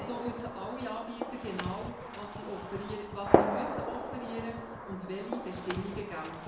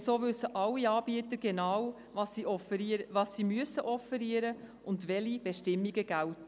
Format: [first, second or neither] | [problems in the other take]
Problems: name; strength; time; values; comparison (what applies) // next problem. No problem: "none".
second | background sound (Gunshot, gunfire); 5 dB above the speech // room echo; dies away in 0.9 s